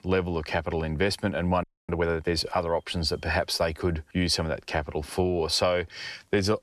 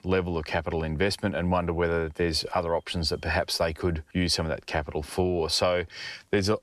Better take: second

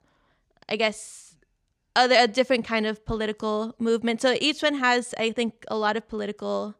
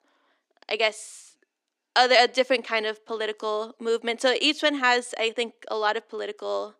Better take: first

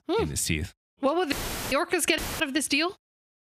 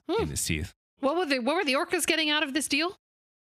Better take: second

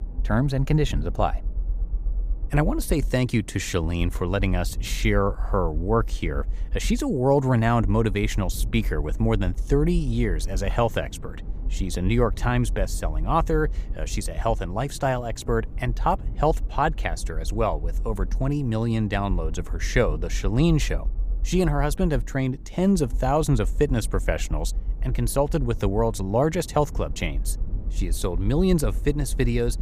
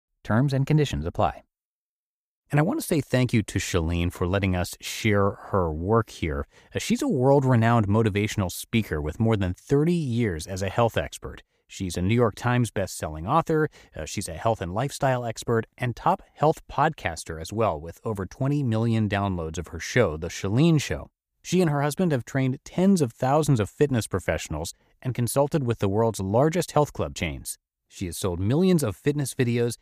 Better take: second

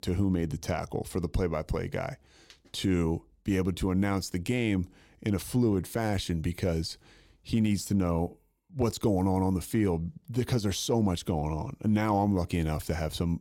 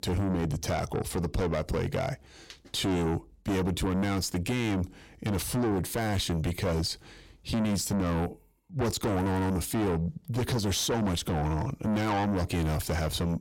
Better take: first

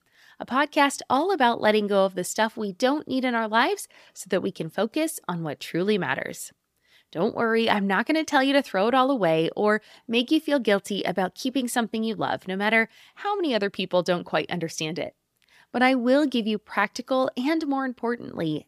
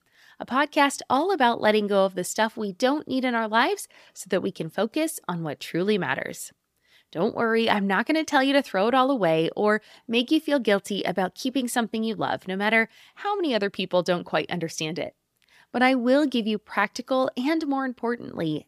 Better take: neither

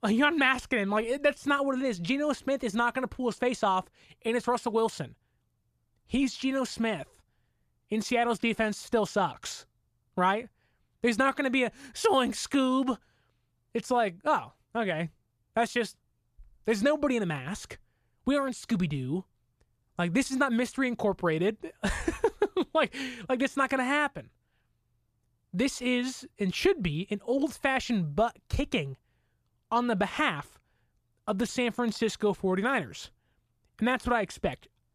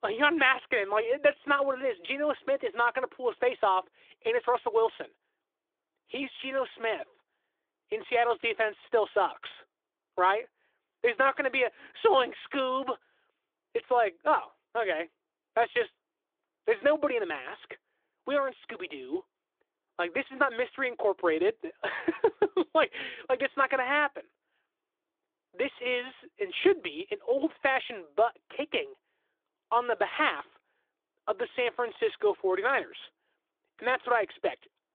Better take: first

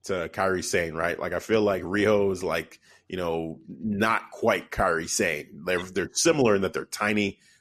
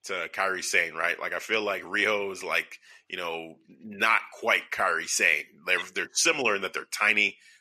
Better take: first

